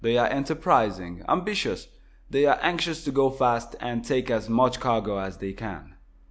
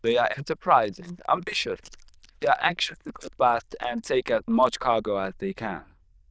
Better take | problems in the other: first | noise reduction (neural diffusion model UNIVERSE++)

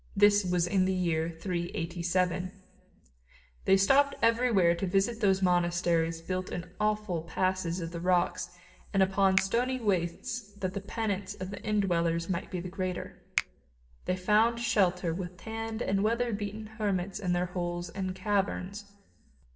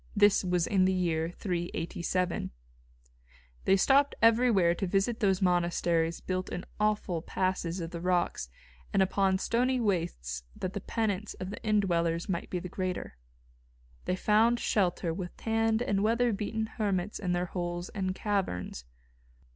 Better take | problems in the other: second | background sound (Finger snapping); 13 dB below the speech // room echo; dies away in 0.7 s

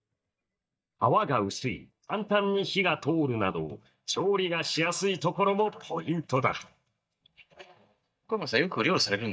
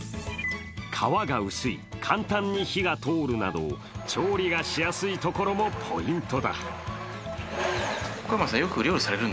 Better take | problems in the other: second | noise reduction (neural mask model DeepFilterNet 3)

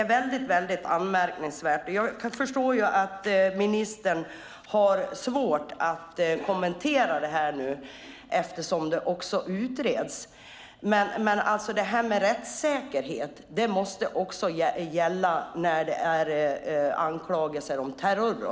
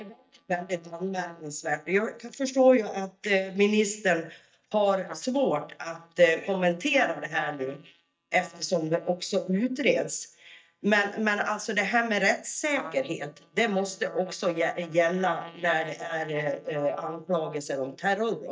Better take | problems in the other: first | noise reduction (neural mask model DeepFilterNet 3)

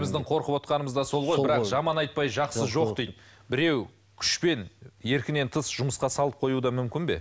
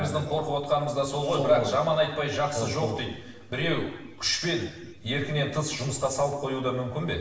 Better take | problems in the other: first | room echo; dies away in 1 s

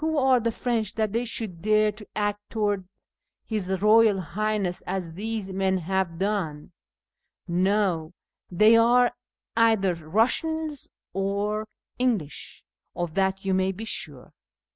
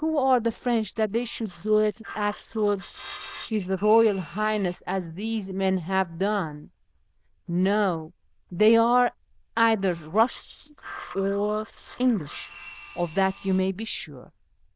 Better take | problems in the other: first | noise reduction (neural diffusion model UNIVERSE++)

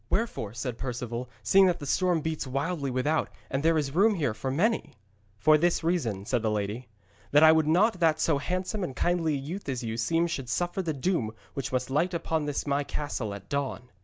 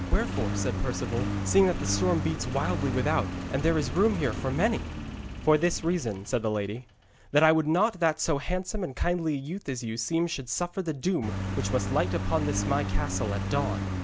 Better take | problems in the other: first | background sound (Engine); 5 dB below the speech

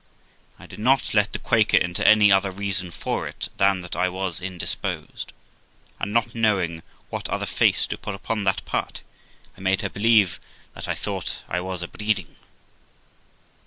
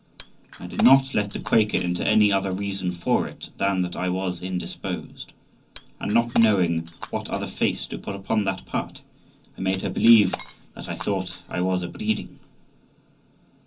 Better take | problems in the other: first | background sound (Shatter); 18 dB below the speech // room echo; dies away in 0.3 s

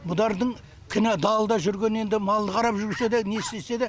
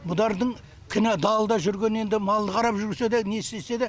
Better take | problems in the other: second | background sound (Bark); 16 dB below the speech

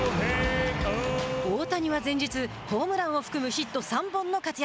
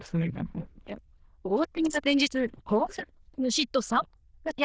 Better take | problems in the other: first | noise reduction (neural diffusion model UNIVERSE++)

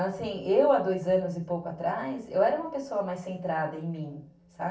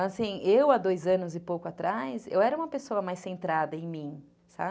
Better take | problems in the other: second | room echo; dies away in 0.4 s

